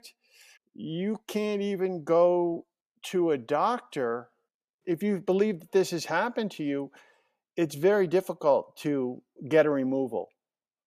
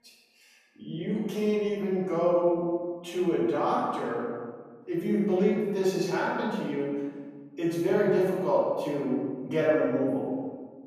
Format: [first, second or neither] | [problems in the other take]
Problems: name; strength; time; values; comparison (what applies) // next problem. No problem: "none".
first | room echo; strong; dies away in 1.4 s // off-mic speech; far